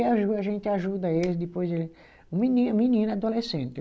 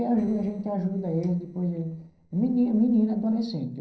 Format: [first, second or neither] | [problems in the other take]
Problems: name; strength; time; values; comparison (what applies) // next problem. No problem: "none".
first | noise reduction (neural separator model SepFormer DNS4)